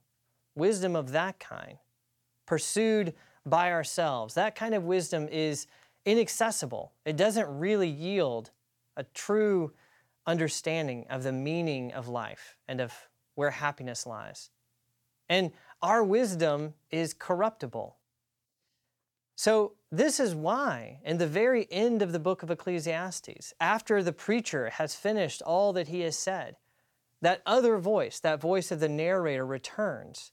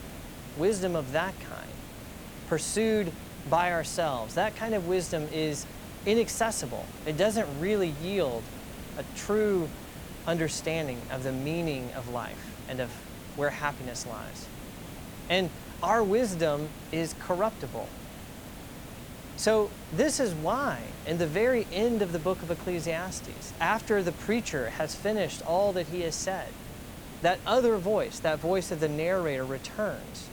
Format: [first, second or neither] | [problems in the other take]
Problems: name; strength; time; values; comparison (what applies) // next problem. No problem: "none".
first | hiss; noticeable; throughout; 15 dB below the speech